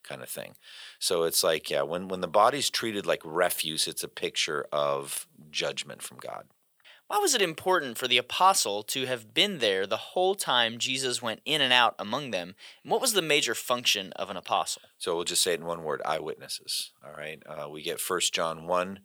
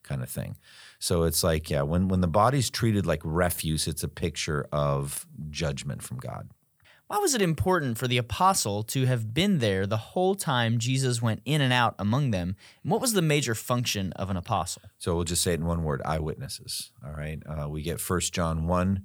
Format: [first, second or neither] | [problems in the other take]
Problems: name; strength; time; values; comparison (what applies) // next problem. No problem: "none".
second | thin; very; fading below 450 Hz